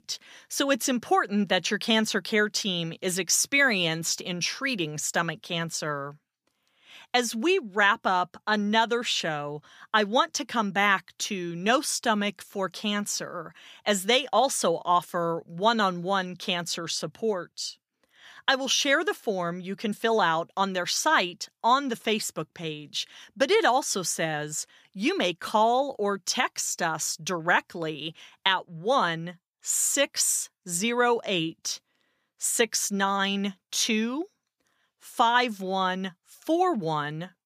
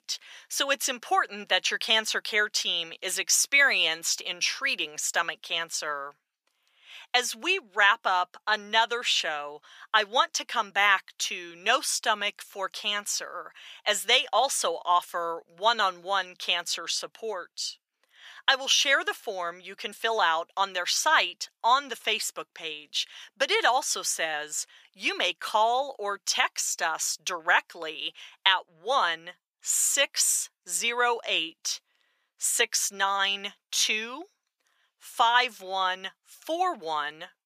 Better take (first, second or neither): first